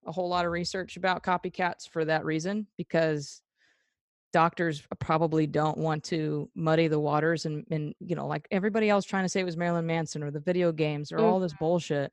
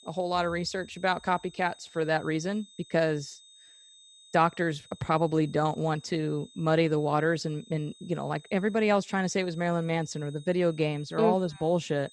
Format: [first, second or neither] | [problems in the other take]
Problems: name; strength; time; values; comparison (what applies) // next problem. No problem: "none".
first | high-pitched whine; faint; throughout; 3.5 kHz, 25 dB below the speech